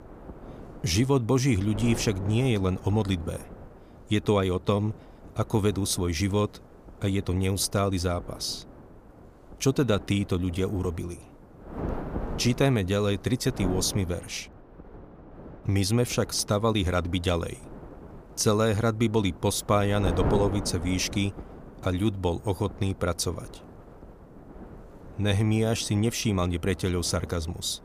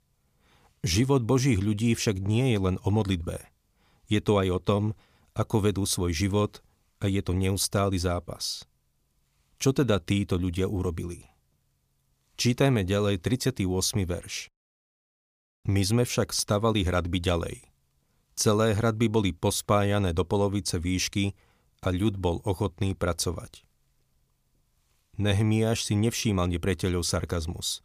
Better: second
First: wind noise on the microphone; occasional gusts; 15 dB below the speech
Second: none

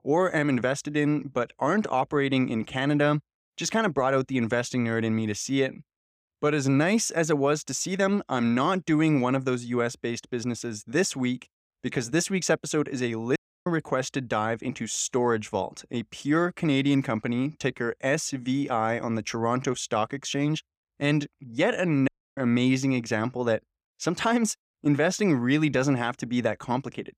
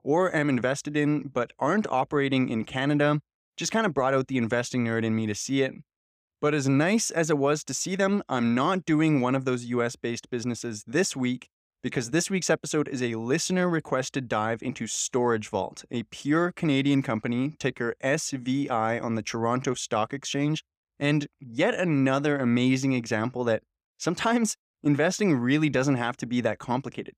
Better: second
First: audio cutting out; at 13 s and at 22 s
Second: none

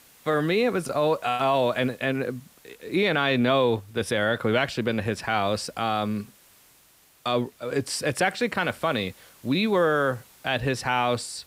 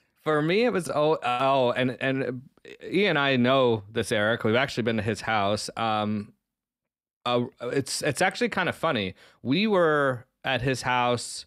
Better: second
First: hiss; faint; throughout; 30 dB below the speech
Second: none

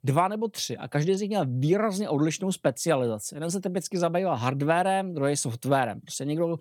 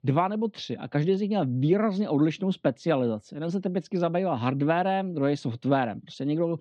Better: first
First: none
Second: muffled; slightly; fading above 4 kHz

